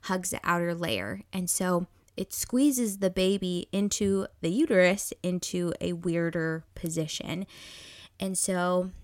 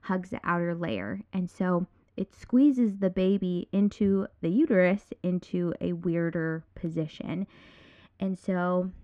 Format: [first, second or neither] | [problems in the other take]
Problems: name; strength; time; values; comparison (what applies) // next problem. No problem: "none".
first | muffled; very; fading above 2 kHz